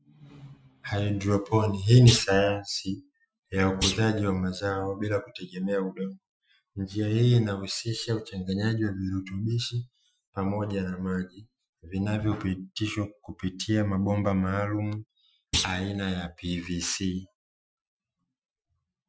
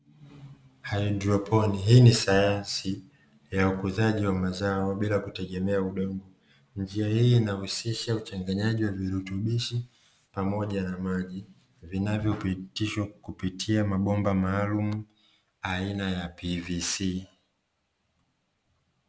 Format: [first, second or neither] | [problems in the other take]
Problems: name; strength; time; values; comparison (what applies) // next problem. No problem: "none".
second | noise reduction (classical method Wiener filter)